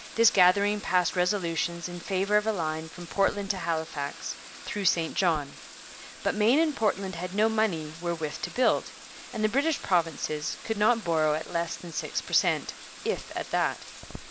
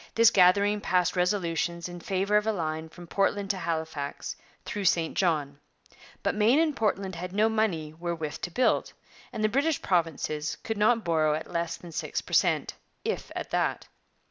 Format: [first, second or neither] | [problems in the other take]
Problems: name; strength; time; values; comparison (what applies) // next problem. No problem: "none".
second | background sound (Bathtub (filling or washing)); 16 dB below the speech